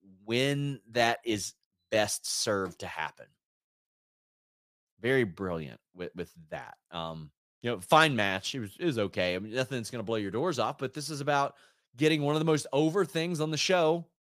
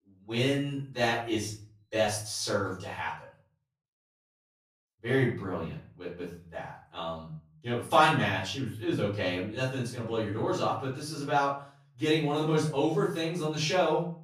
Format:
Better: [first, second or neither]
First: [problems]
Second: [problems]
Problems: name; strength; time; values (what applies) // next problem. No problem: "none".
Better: first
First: none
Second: off-mic speech; far // room echo; noticeable; dies away in 0.5 s